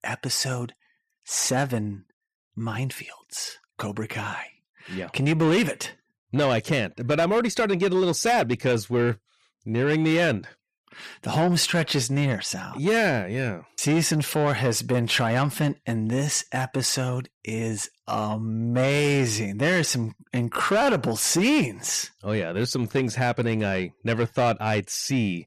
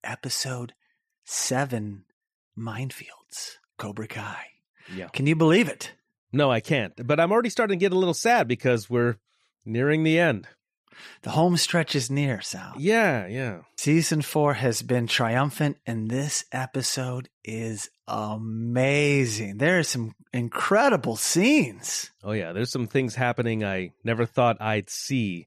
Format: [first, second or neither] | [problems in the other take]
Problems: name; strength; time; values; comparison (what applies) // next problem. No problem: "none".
second | distortion; slight; 10 dB below the speech